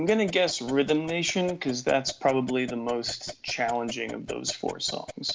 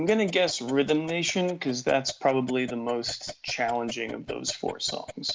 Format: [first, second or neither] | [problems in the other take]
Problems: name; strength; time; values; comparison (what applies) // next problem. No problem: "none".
first | noise reduction (neural mask model Resemble Enhance denoiser)